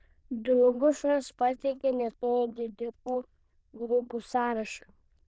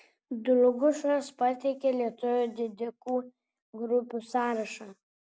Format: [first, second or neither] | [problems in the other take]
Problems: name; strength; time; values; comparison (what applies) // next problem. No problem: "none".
second | noise reduction (neural diffusion model UNIVERSE++)